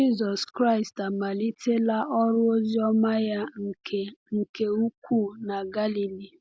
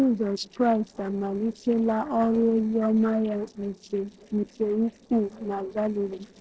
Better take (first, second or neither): first